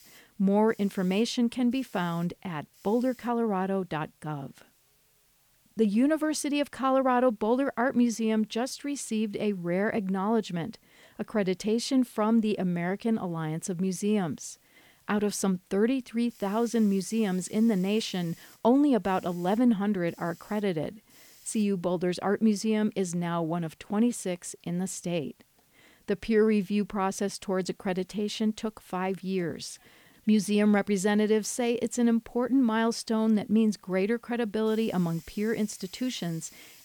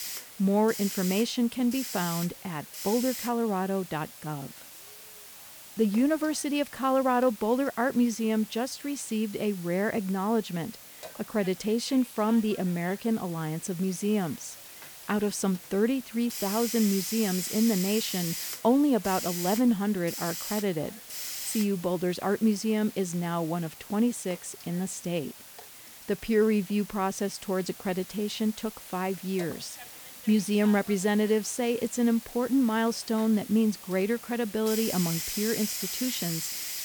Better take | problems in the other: first | hiss; loud; throughout; 10 dB below the speech; faint in the first

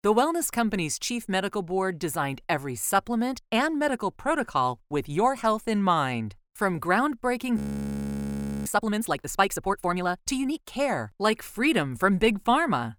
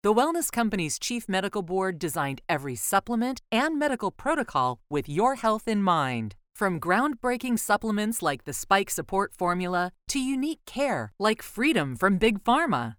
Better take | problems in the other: second | audio freezing; at 7.5 s for 1 s

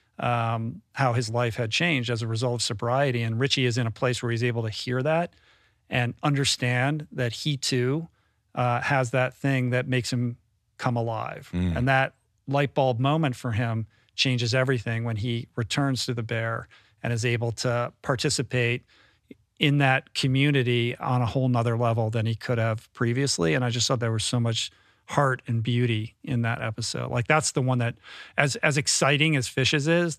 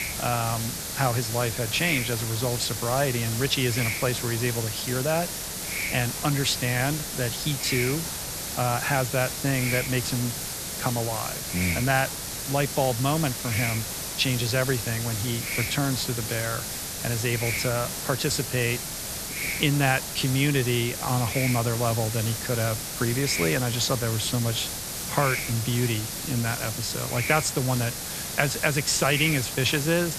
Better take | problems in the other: first | hiss; loud; throughout; 3 dB below the speech

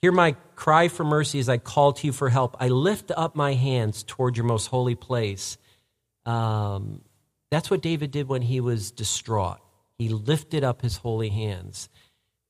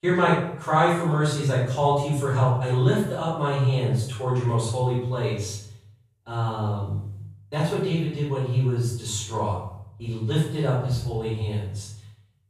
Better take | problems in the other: first | off-mic speech; far // room echo; noticeable; dies away in 0.6 s

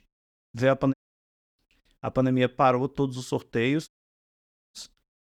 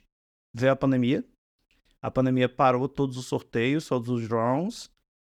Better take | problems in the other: second | audio cutting out; at 1 s and at 4 s for 1 s

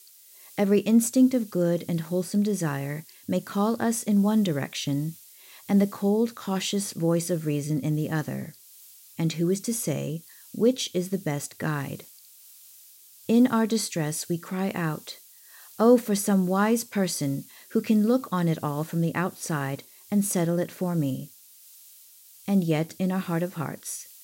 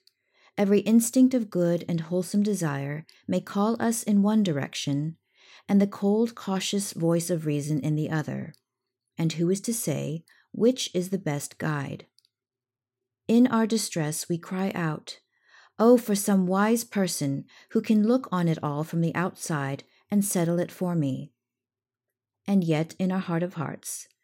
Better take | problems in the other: second | hiss; faint; throughout; 20 dB below the speech

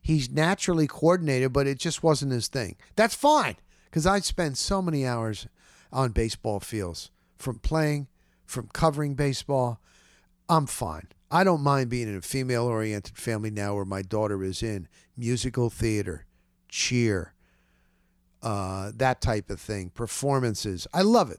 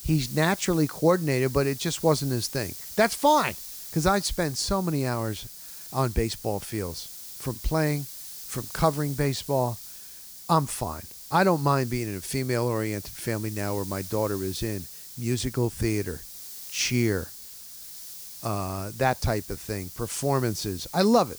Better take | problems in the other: first | hiss; noticeable; throughout; 10 dB below the speech

